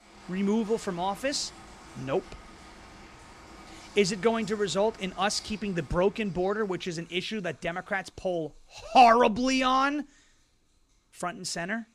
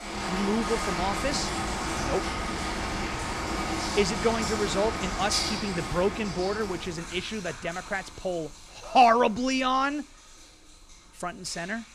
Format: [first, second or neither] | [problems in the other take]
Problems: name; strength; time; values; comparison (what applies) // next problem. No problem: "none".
first | rain or running water; loud; throughout; 3 dB below the speech; faint in the first